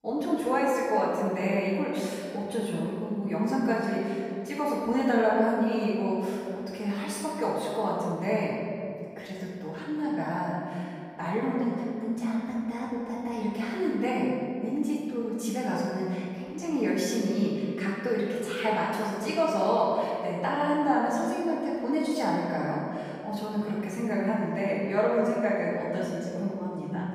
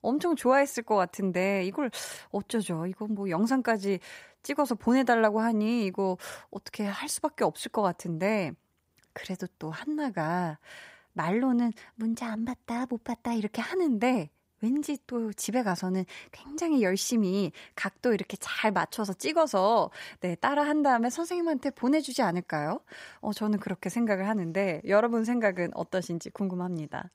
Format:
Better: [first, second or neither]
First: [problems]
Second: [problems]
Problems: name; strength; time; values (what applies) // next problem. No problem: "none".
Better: second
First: off-mic speech; far // room echo; strong; dies away in 2.4 s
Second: none